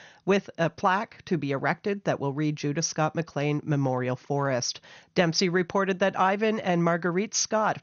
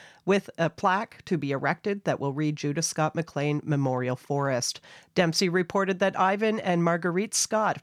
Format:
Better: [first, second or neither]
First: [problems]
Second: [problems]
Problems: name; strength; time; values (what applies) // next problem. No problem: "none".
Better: second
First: garbled, watery; slightly; nothing above 6.5 kHz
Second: none